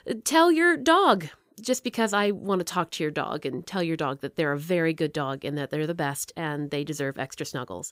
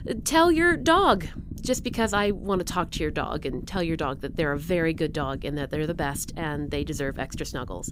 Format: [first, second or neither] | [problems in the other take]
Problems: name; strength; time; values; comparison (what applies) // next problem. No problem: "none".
first | low rumble; faint; throughout; 20 dB below the speech